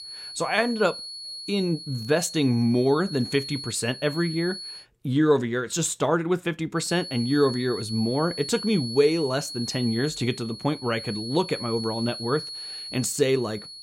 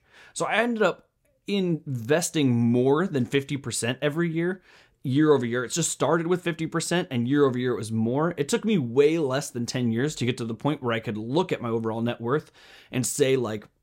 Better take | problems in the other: second | high-pitched whine; loud; until 5 s and from 7 s on; 4.5 kHz, 10 dB below the speech

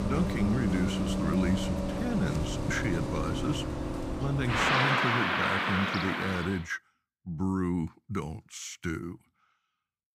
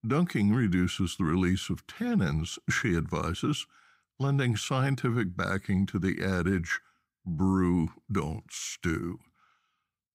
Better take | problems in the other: second | traffic noise; very loud; until 6.5 s; 2 dB above the speech

